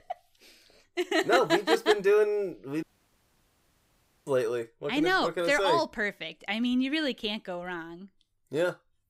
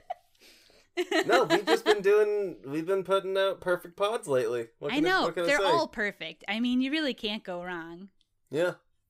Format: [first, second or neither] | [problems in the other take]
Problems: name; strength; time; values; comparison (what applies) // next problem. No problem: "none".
second | audio cutting out; at 3 s for 1.5 s